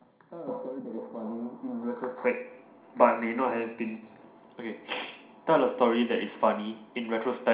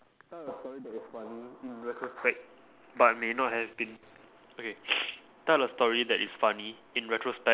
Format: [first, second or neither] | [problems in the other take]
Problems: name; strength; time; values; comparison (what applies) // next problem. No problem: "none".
second | room echo; dies away in 0.5 s